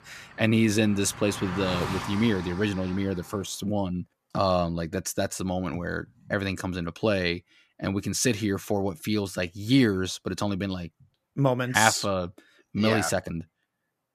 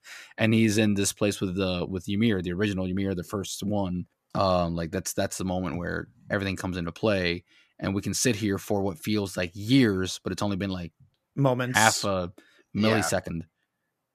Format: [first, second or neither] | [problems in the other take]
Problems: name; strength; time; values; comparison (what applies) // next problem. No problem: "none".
second | traffic noise; noticeable; until 3.5 s; 10 dB below the speech